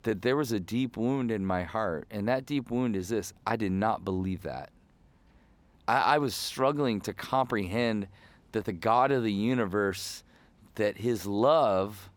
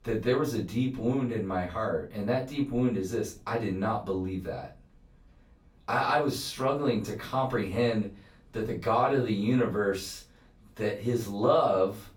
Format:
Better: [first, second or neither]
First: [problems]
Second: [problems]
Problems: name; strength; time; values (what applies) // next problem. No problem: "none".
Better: first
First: none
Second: off-mic speech; far // room echo; slight; dies away in 0.3 s